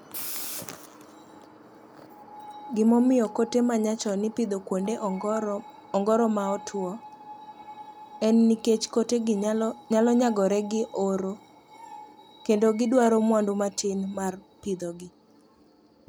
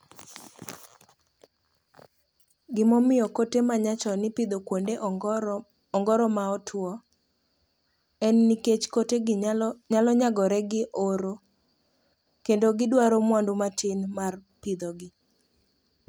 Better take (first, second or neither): second